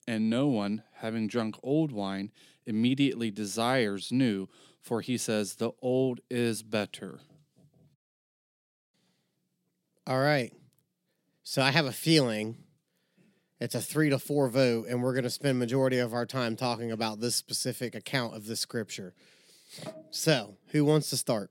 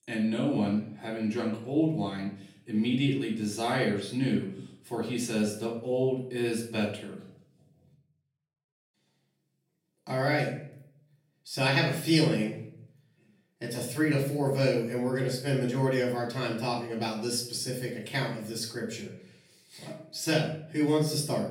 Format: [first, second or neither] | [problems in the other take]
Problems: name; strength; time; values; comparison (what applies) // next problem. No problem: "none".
first | off-mic speech; far // room echo; slight; dies away in 0.5 s